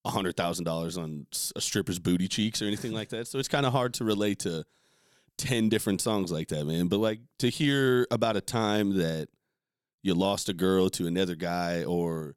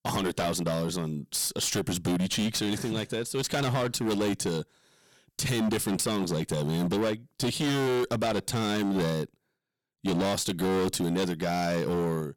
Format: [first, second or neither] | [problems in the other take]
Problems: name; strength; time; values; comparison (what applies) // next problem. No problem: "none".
first | distortion; heavy; 20% of the sound clipped